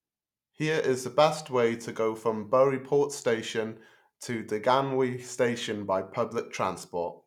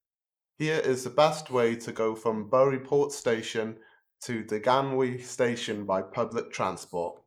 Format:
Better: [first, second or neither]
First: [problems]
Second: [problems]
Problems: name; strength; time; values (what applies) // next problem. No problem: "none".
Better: first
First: none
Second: noise reduction (neural mask model Resemble Enhance denoiser)